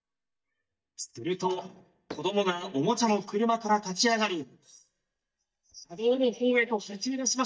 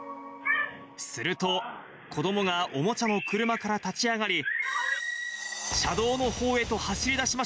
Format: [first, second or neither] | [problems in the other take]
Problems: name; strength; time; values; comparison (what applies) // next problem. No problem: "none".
second | noise reduction (neural mask model DeepFilterNet 3)